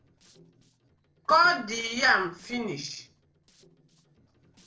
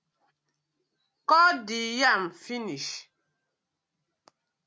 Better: second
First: noise reduction (neural separator model SepFormer DNS4)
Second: none

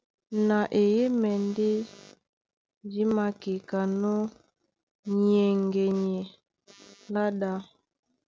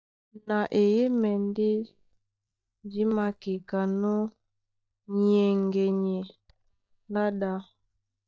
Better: first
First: none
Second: noise reduction (neural mask model DeepFilterNet 3)

